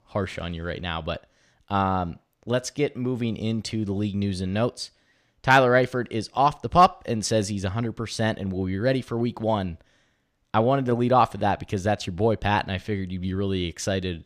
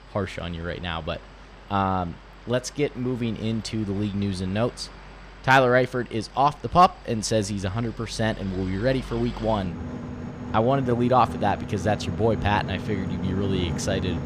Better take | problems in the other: first | train or aircraft noise; noticeable; throughout; 10 dB below the speech

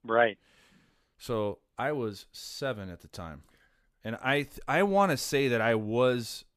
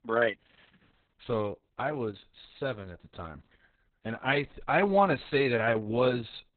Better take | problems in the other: first | garbled, watery; badly; nothing above 4 kHz

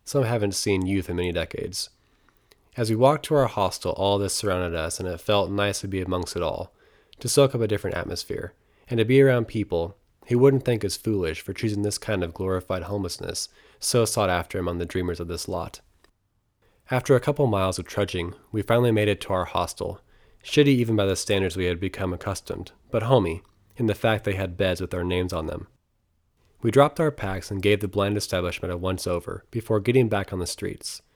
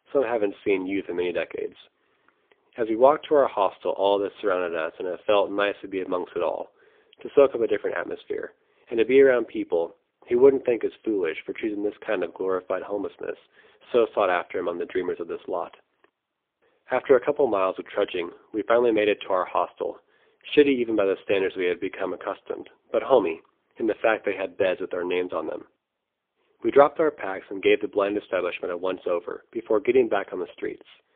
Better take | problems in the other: first | phone-call audio; poor line; nothing above 3.5 kHz

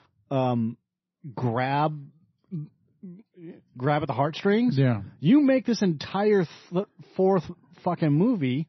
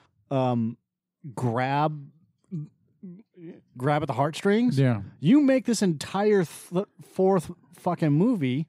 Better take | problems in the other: second | garbled, watery; slightly; nothing above 6 kHz

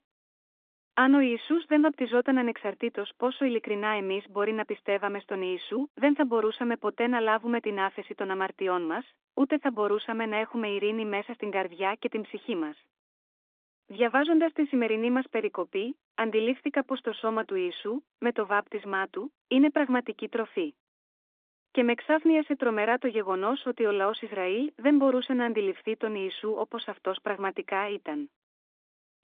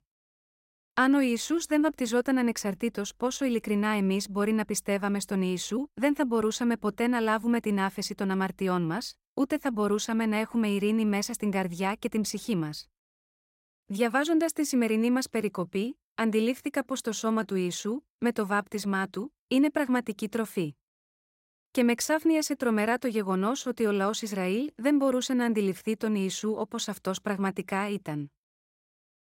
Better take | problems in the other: second | phone-call audio

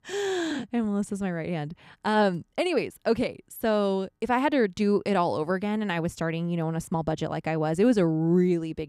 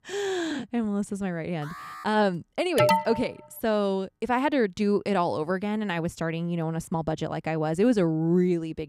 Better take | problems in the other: first | alarm; faint; at 1.5 s; peak 15 dB below the speech // alarm; loud; at 3 s; peak 4 dB above the speech

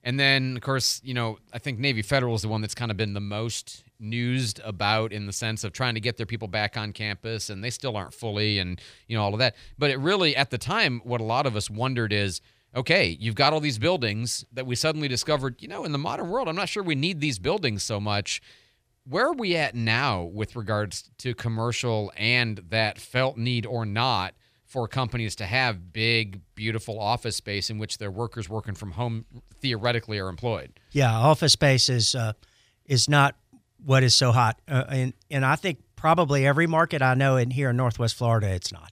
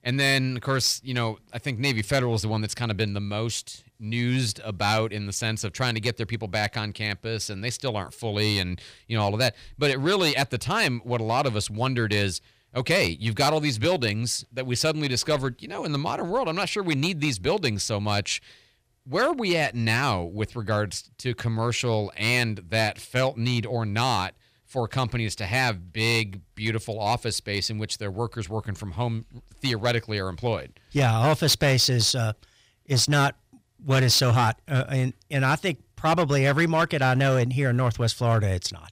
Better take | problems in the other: first | distortion; slight; 4% of the sound clipped

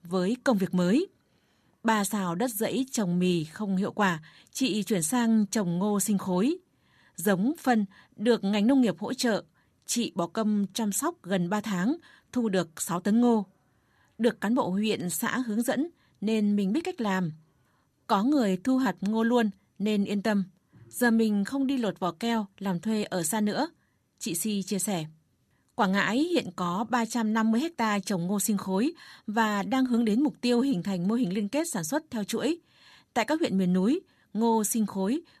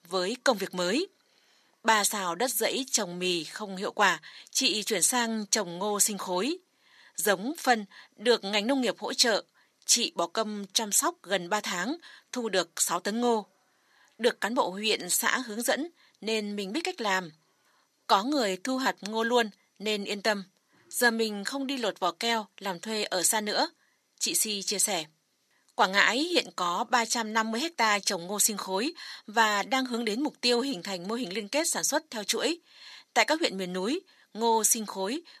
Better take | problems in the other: first | thin; somewhat; fading below 450 Hz

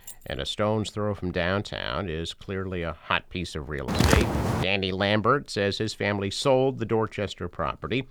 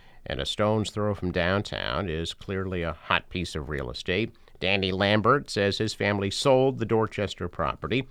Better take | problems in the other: second | jangling keys; faint; at the start; peak 15 dB below the speech // footsteps; loud; at 4 s; peak 6 dB above the speech

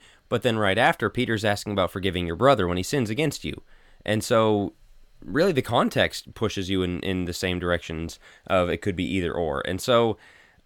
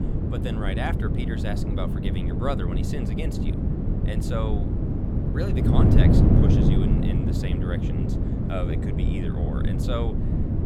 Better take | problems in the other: first | wind noise on the microphone; heavy; 2 dB above the speech

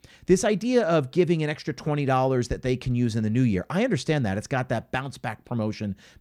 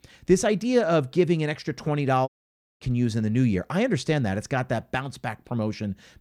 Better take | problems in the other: first | audio cutting out; at 2.5 s for 0.5 s

